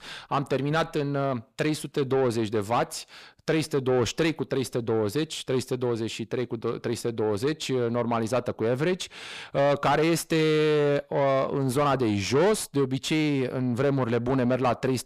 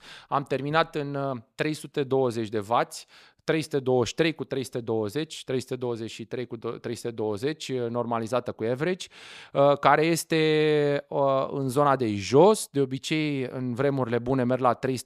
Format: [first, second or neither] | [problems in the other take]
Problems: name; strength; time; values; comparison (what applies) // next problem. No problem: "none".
second | distortion; heavy; 8 dB below the speech